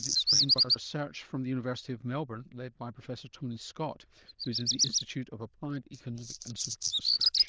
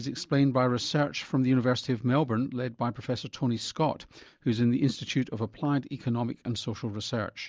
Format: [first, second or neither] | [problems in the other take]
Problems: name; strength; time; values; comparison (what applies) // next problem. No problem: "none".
second | noise reduction (neural diffusion model UNIVERSE++)